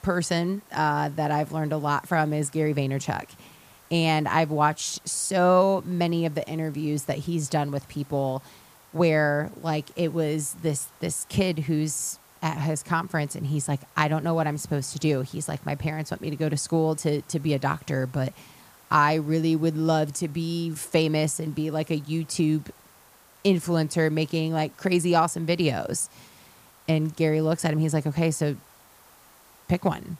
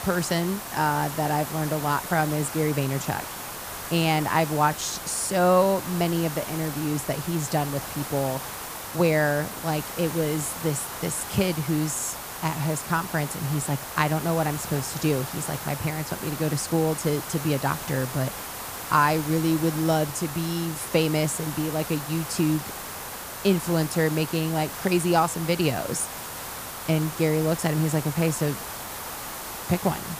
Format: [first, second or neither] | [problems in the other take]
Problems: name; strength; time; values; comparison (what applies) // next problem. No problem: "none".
first | hiss; loud; throughout; 8 dB below the speech; faint in the first